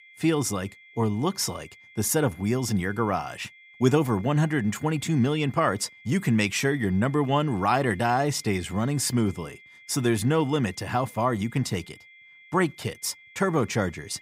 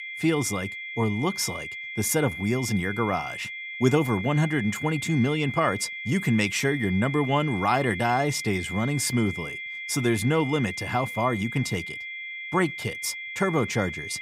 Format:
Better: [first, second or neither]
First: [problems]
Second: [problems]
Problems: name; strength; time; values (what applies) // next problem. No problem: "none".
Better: first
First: high-pitched whine; faint; throughout; 2 kHz, 25 dB below the speech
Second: high-pitched whine; loud; throughout; 2 kHz, 8 dB below the speech